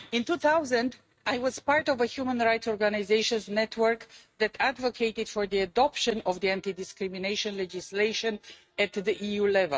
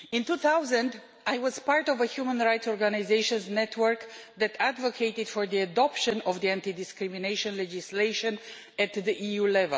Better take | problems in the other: second | noise reduction (neural mask model RNNoise)

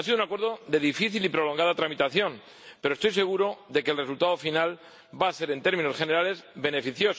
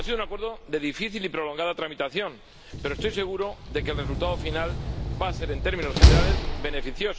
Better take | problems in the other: first | background sound (Slam); 4 dB above the speech

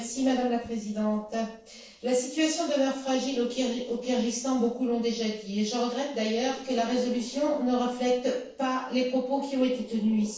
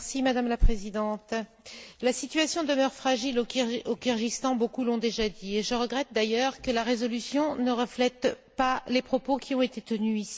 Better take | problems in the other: second | noise reduction (neural separator model SepFormer DNS4)

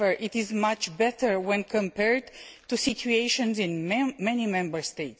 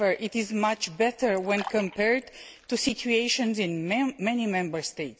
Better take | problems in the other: first | background sound (Fill (with liquid)); 17 dB below the speech

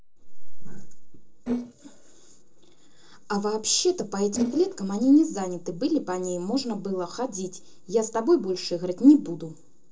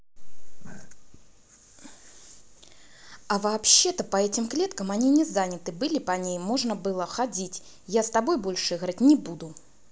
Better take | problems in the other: second | noise reduction (neural separator model SepFormer DNS4)

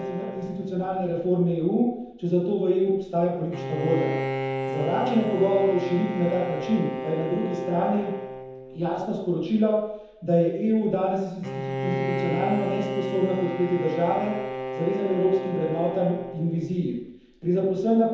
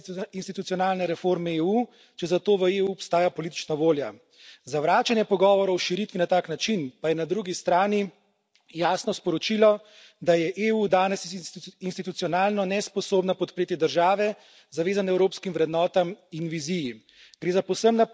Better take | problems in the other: second | background sound (Bowed string instrument); 8 dB below the speech // room echo; dies away in 0.9 s

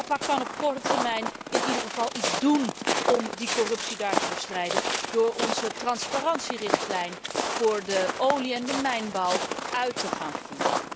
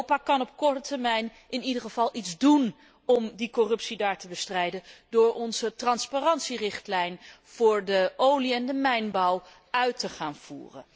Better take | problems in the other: second | background sound (Walk, footsteps); 1 dB below the speech

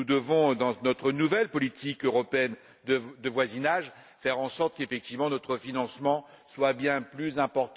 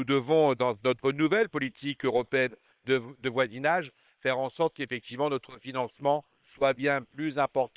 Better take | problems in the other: first | noise reduction (neural separator model SepFormer WHAM!)

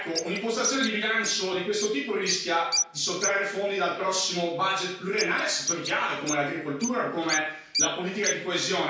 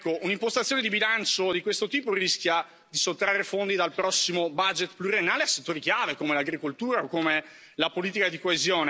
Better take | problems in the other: second | background sound (Bird); 6 dB below the speech // room echo; dies away in 0.5 s

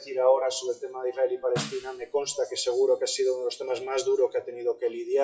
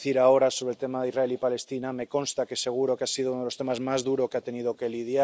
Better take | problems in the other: second | noise reduction (classical method WPE with log-MMSE)

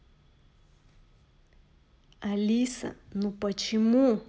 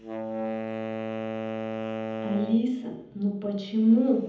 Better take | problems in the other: first | background sound (Wind instrument, woodwind instrument); 6 dB below the speech // room echo; dies away in 1.3 s

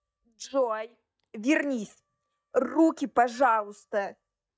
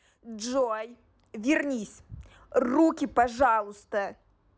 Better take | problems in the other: second | noise reduction (neural mask model DeepFilterNet 3)

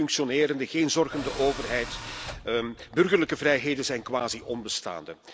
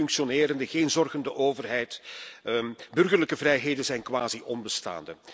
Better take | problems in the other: second | background sound (Tools); 14 dB below the speech

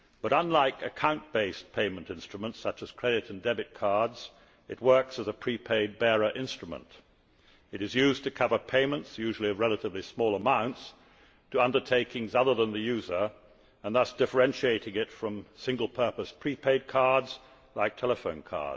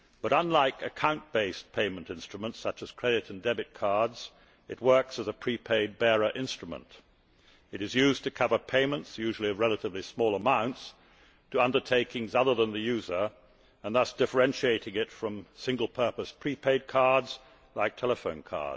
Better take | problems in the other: second | room echo; dies away in 1.1 s

